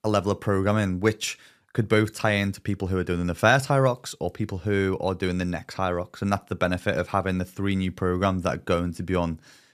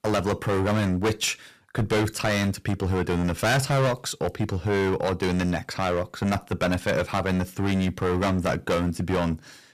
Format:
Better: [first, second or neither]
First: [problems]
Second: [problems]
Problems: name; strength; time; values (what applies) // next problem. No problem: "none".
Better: first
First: none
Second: distortion; heavy; 16% of the sound clipped